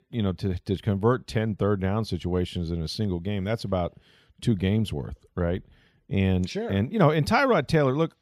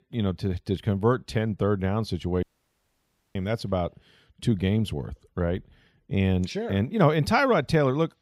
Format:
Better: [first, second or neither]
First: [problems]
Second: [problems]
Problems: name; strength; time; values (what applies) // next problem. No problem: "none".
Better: first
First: none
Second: audio cutting out; at 2.5 s for 1 s